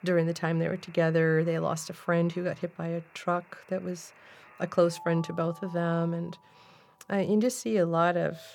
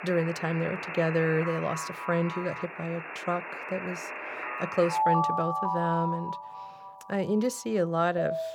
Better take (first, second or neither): first